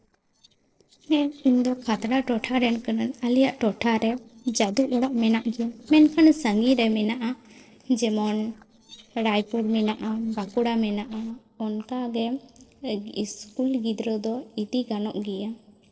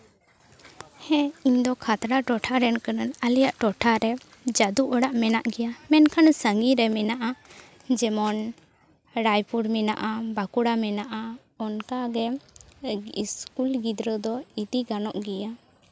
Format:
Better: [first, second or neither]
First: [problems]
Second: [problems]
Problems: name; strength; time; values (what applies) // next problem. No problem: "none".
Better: second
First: noise reduction (neural separator model SepFormer DNS4)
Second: none